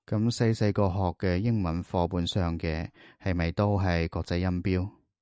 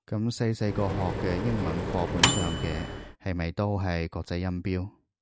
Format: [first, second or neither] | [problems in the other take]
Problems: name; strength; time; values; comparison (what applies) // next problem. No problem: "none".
first | background sound (Microwave oven); as loud as the speech